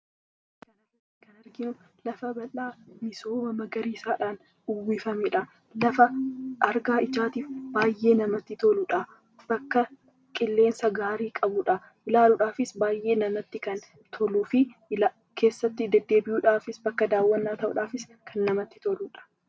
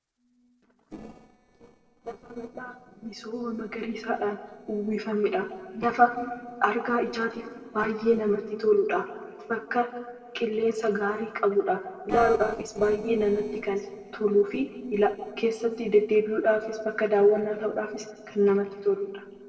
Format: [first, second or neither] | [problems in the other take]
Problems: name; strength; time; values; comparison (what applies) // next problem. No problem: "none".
first | noise reduction (neural separator model SepFormer DNS4)